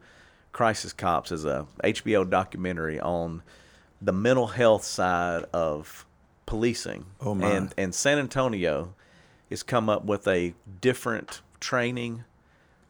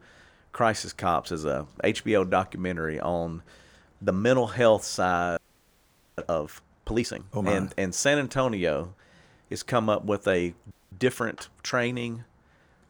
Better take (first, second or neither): first